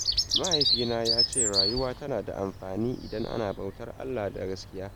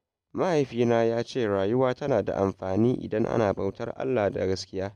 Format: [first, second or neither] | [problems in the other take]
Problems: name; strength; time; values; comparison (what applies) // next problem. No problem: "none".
second | background sound (Bird vocalization, bird call, bird song); 2 dB above the speech